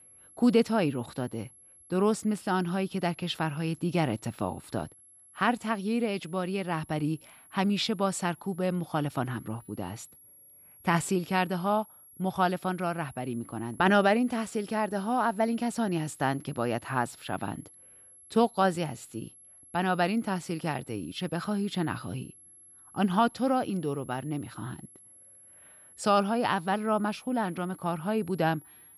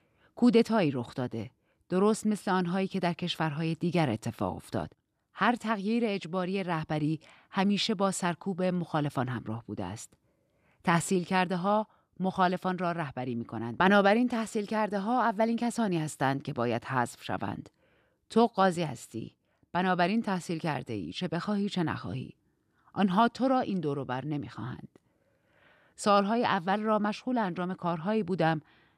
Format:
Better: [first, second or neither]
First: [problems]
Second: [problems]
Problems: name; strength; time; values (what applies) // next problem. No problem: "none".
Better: second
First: high-pitched whine; faint; throughout; 11 kHz, 20 dB below the speech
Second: none